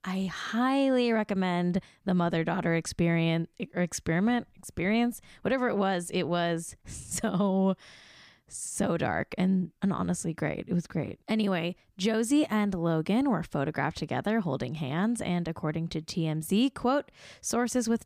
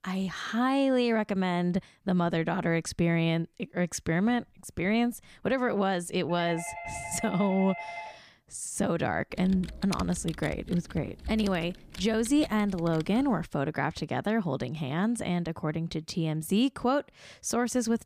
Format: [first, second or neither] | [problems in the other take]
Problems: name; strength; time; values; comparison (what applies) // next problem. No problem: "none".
first | doorbell; noticeable; from 6.5 to 8 s; peak 9 dB below the speech // keyboard typing; noticeable; from 9.5 to 13 s; peak 10 dB below the speech